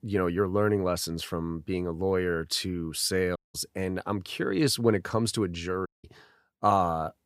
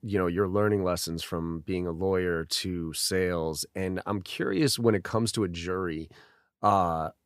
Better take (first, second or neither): second